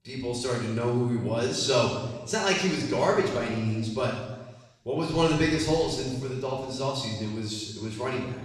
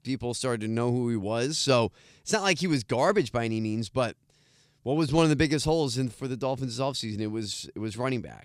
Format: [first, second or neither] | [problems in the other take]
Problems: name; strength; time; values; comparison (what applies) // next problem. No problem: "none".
second | room echo; noticeable; dies away in 1.1 s // off-mic speech; far